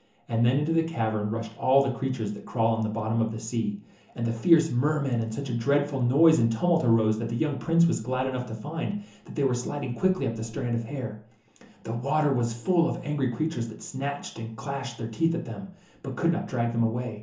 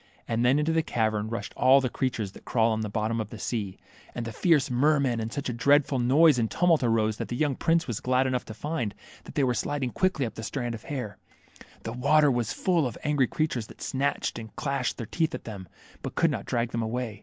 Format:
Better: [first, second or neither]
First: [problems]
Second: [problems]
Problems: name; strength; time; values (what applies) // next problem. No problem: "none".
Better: second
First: room echo; dies away in 0.8 s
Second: none